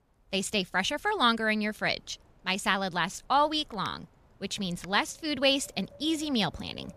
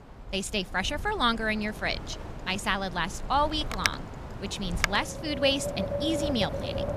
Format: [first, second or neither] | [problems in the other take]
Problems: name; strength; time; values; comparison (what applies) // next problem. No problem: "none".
first | wind in the background; loud; throughout; 5 dB below the speech; faint in the first